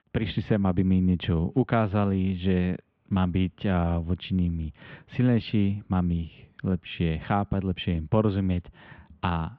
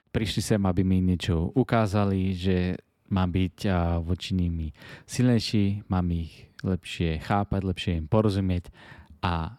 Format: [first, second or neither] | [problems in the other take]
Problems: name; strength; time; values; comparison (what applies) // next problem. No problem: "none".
second | muffled; very; fading above 3 kHz